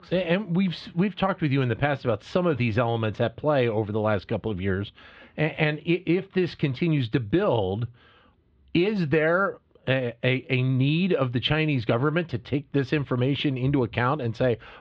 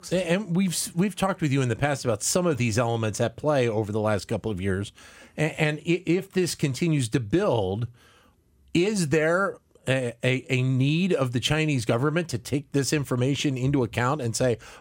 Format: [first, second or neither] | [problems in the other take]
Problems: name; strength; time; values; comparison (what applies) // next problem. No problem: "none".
second | muffled; very; fading above 4 kHz